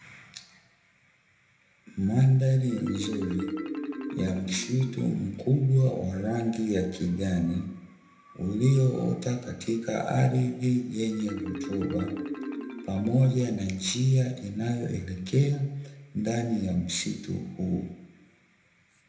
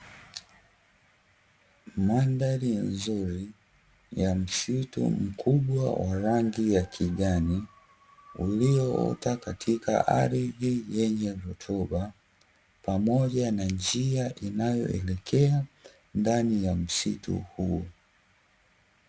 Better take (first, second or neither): second